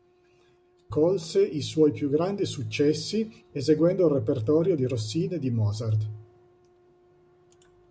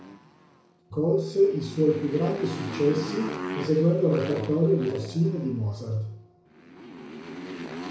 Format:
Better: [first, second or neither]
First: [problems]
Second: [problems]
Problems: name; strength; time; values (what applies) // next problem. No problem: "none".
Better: first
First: none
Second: background sound (Motorcycle); 12 dB below the speech // room echo; dies away in 0.6 s